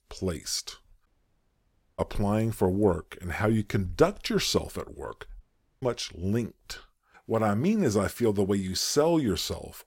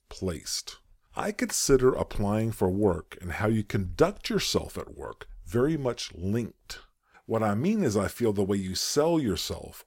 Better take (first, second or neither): second